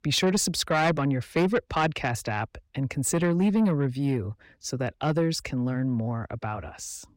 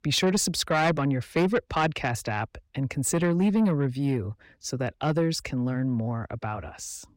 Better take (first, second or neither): neither